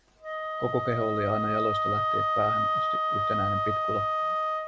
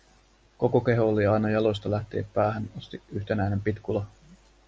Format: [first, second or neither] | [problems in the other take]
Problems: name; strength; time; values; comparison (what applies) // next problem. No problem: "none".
second | background sound (Wind instrument, woodwind instrument); 5 dB above the speech